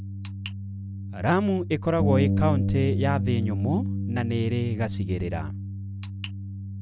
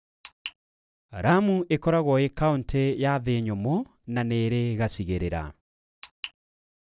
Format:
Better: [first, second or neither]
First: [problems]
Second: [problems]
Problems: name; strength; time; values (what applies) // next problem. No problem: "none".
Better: second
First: background sound (Bass guitar); as loud as the speech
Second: none